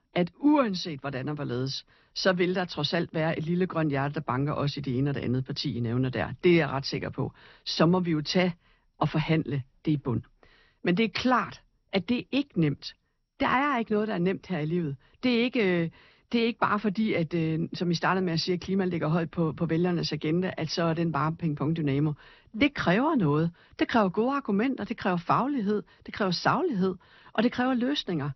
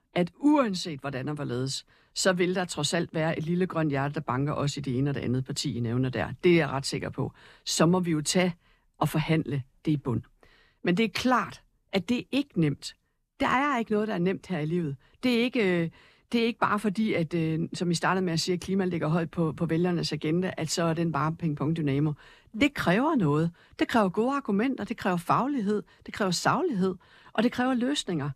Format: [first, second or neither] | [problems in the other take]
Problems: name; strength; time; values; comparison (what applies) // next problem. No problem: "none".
second | garbled, watery; slightly; nothing above 5.5 kHz